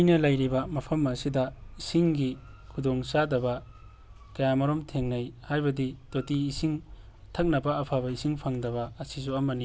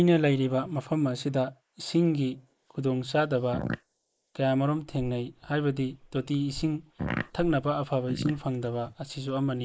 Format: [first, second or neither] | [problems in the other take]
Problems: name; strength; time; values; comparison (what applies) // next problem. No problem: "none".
first | noise reduction (neural mask model Resemble Enhance denoiser)